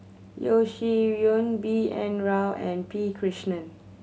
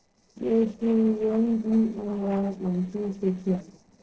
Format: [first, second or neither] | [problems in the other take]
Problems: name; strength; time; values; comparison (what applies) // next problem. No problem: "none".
first | noise reduction (neural separator model SepFormer DNS4)